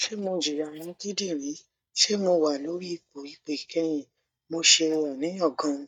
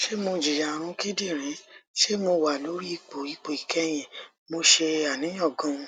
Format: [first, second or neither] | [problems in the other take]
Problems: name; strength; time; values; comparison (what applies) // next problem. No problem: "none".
second | noise reduction (neural mask model DeepFilterNet 3)